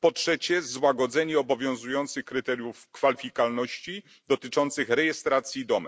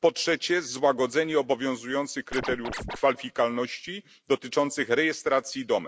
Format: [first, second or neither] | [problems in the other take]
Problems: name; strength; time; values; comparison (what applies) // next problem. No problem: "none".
first | background sound (Scratching (performance technique)); 8 dB below the speech